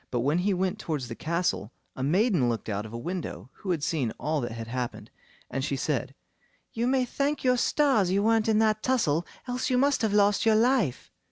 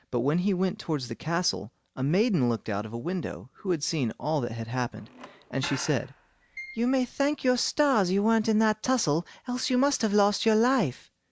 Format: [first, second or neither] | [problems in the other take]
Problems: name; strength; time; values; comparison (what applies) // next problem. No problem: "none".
first | background sound (Squeak / Screech); 18 dB below the speech